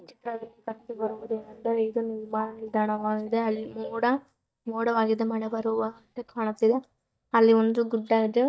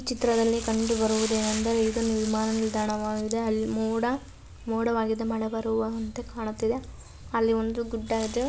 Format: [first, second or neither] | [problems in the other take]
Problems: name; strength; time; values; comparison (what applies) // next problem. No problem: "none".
second | noise reduction (neural mask model DeepFilterNet 3)